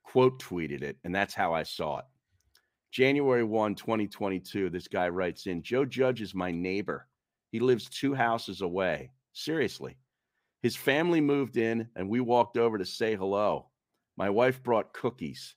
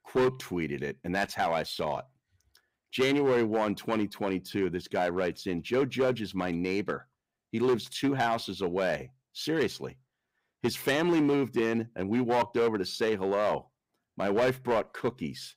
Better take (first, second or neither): first